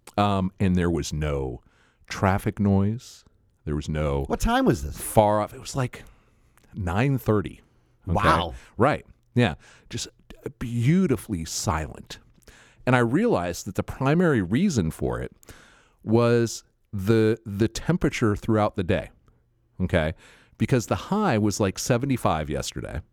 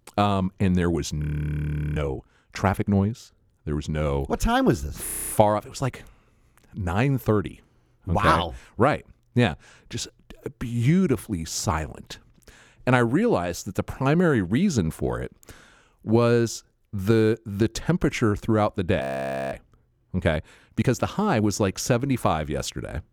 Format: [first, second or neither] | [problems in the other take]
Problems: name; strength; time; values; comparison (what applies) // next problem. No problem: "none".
first | audio freezing; at 1 s for 0.5 s, at 5 s and at 19 s for 0.5 s